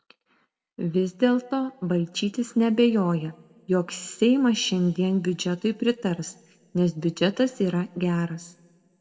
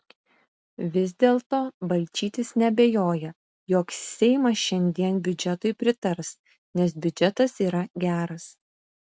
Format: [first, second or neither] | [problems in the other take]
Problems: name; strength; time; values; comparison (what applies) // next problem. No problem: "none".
second | room echo; dies away in 0.7 s